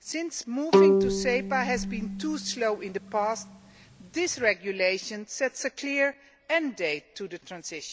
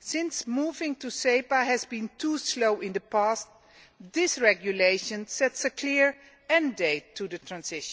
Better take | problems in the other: second | background sound (Bowed string instrument); 3 dB above the speech

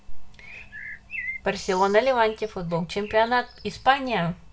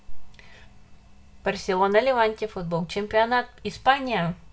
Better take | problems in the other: second | background sound (Bird); 16 dB below the speech

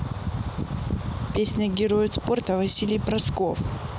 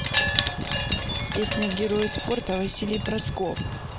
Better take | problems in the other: first | background sound (Wind chime); 3 dB below the speech

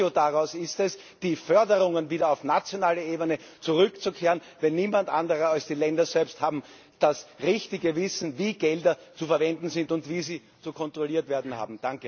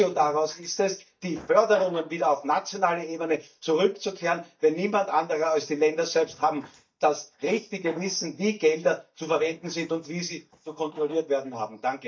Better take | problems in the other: first | noise reduction (neural mask model DeepFilterNet 3)

